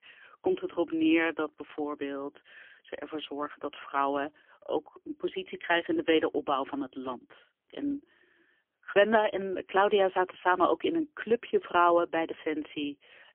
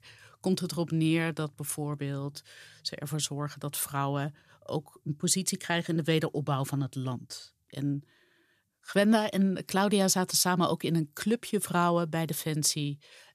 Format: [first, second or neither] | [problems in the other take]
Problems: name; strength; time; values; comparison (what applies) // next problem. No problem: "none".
second | phone-call audio; poor line; nothing above 3.5 kHz